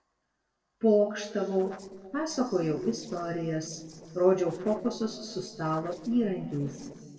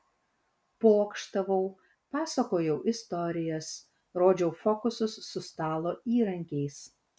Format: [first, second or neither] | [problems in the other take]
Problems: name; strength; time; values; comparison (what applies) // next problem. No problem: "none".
second | noise reduction (neural separator model SepFormer DNS4)